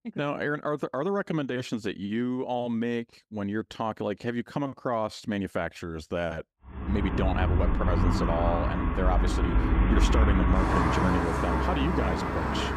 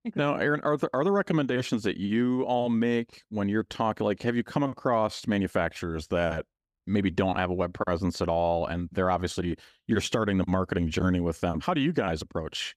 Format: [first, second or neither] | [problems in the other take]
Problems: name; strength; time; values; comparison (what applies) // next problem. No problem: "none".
second | traffic noise; very loud; from 7 s on; 4 dB above the speech